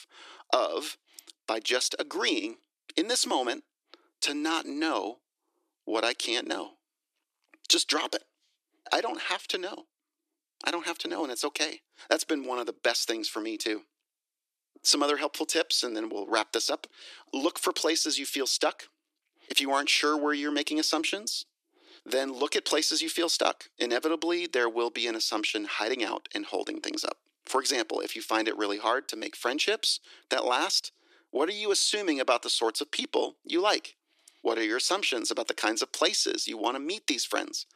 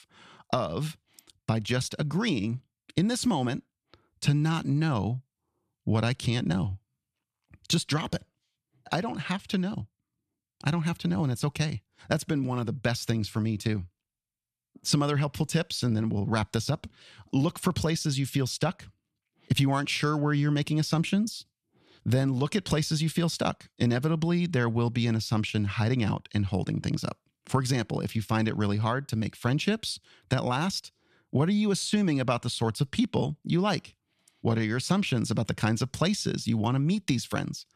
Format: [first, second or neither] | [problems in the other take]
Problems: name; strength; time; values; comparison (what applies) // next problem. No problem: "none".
second | thin; very; fading below 300 Hz